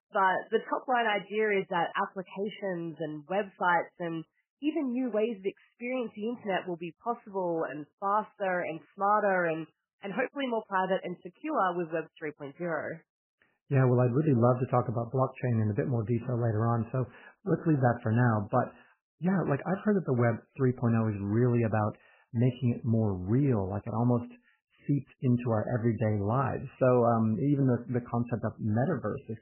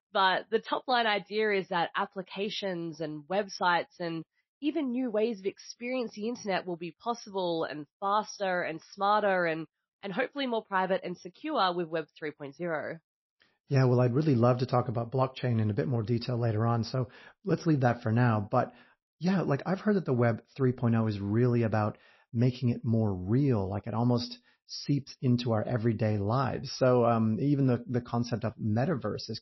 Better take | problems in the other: second | garbled, watery; badly; nothing above 3 kHz; slightly in the second

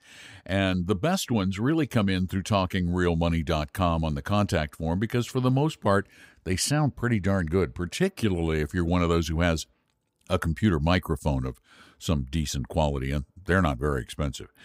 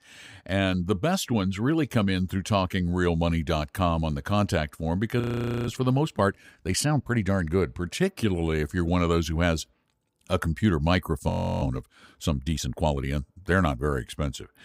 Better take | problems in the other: first | audio freezing; at 5 s and at 11 s

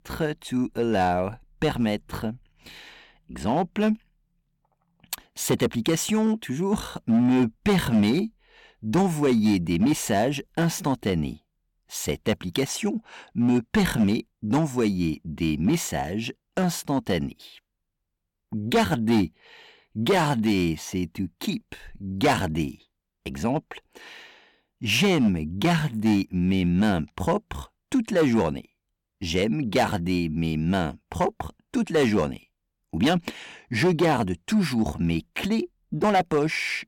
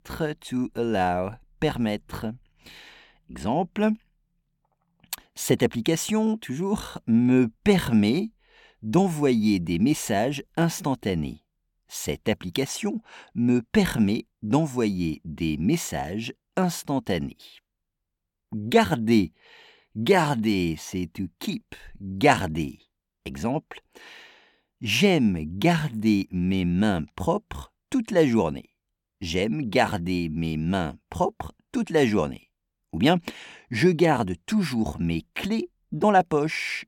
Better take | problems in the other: second | distortion; slight; 4% of the sound clipped

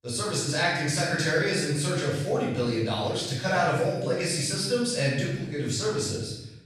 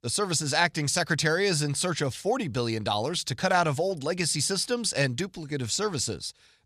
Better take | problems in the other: second | off-mic speech; far // room echo; noticeable; dies away in 0.9 s

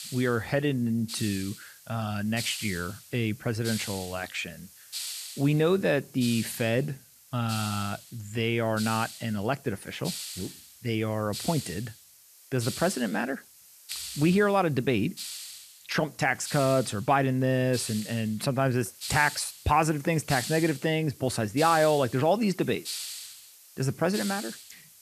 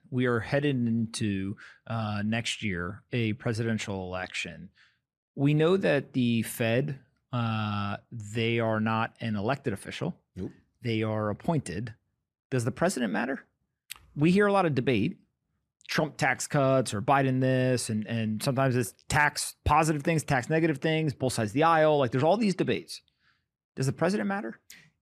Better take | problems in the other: second | hiss; noticeable; throughout; 10 dB below the speech

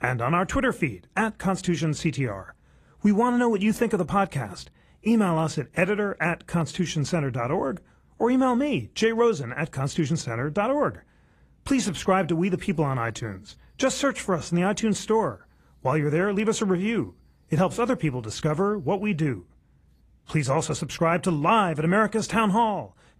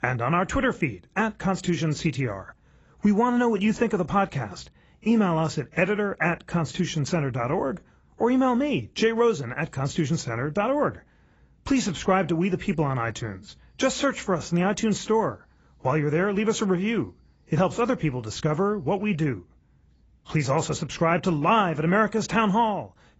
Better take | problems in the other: first | garbled, watery; badly; nothing above 7.5 kHz; slightly in the first

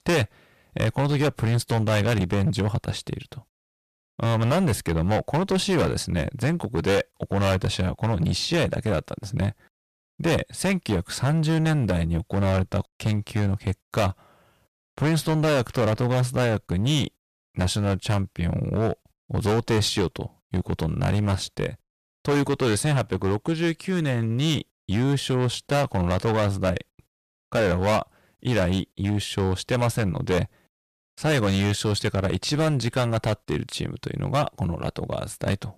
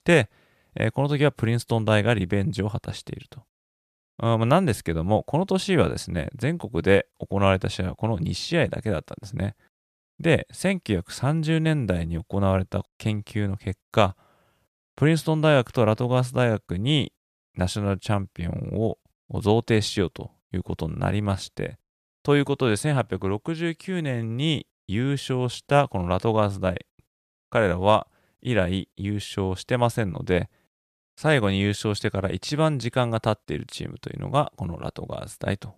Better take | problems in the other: second | distortion; heavy; 13% of the sound clipped

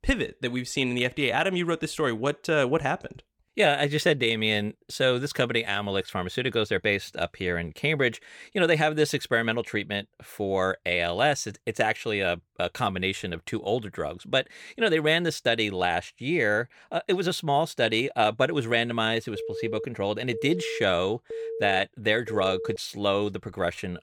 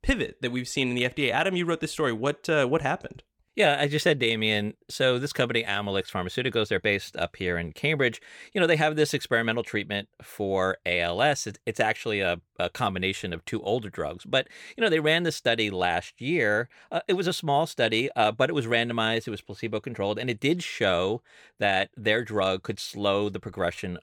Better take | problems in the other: second | phone ringing; noticeable; from 19 to 23 s; peak 7 dB below the speech

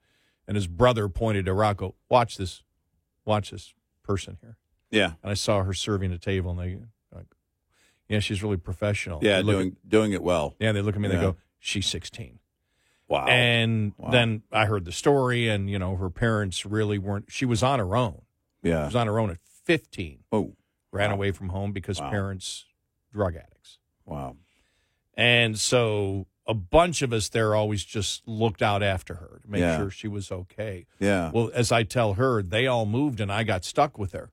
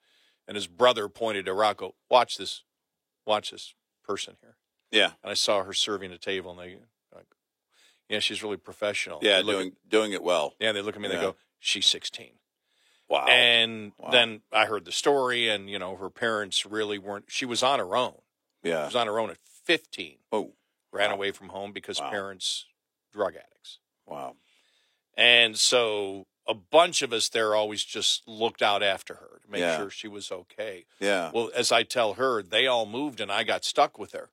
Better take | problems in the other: first | thin; somewhat; fading below 400 Hz

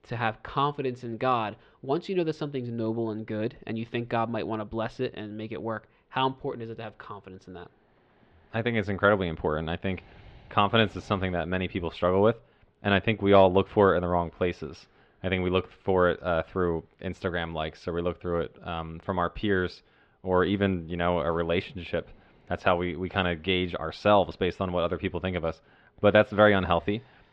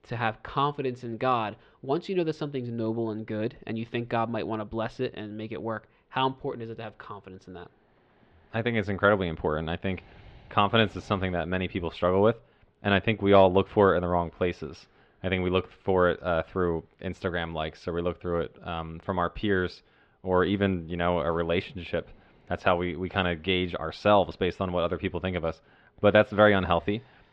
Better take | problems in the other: neither | muffled; slightly; fading above 3.5 kHz; the same in both

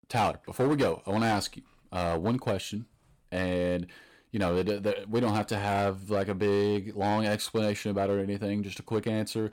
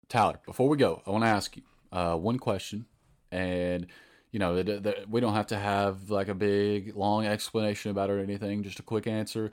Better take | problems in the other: second | distortion; slight; 6% of the sound clipped

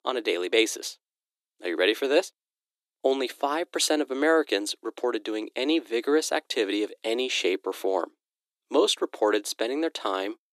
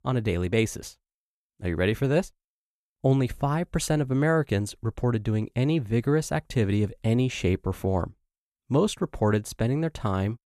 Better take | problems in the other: second | thin; very; fading below 300 Hz

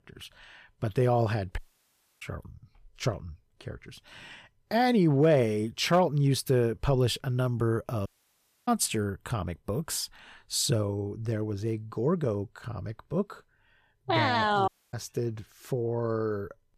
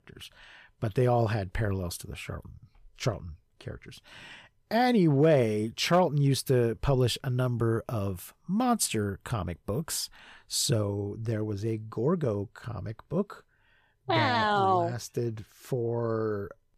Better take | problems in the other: second | audio cutting out; at 1.5 s for 0.5 s, at 8 s for 0.5 s and at 15 s

